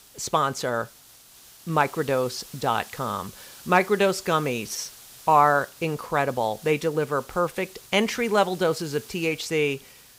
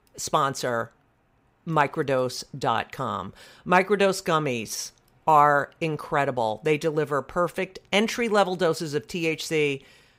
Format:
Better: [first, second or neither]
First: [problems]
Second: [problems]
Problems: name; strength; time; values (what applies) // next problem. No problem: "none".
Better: second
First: hiss; noticeable; throughout; 20 dB below the speech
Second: none